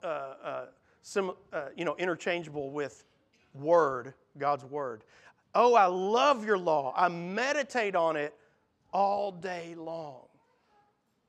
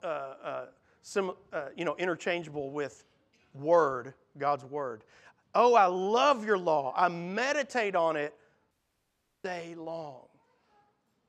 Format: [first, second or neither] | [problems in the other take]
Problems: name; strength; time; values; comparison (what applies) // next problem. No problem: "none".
first | audio cutting out; at 8.5 s for 0.5 s